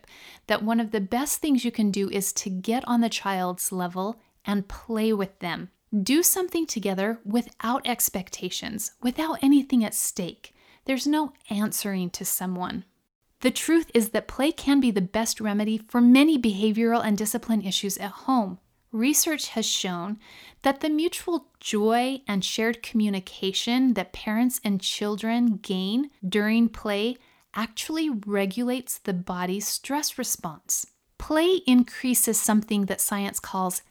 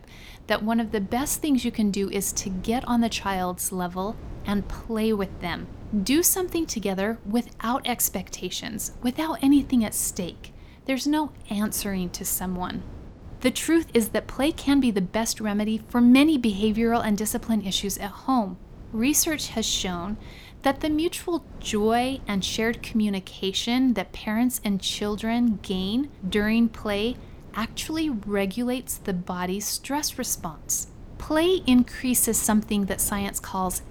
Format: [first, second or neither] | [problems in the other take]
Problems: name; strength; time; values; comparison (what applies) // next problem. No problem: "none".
first | wind noise on the microphone; occasional gusts; 25 dB below the speech